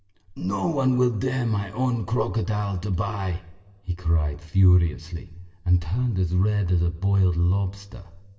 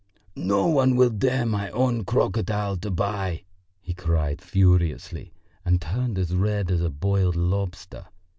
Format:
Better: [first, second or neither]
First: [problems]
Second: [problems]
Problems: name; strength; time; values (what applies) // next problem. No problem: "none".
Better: second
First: room echo; dies away in 0.9 s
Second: none